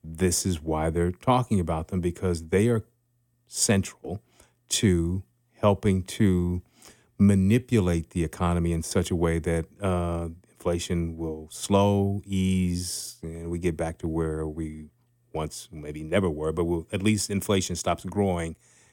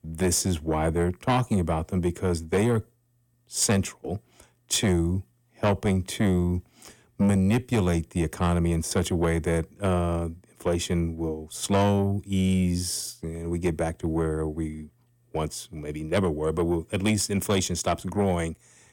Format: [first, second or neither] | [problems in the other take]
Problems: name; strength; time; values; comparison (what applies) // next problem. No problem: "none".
first | distortion; slight; 10 dB below the speech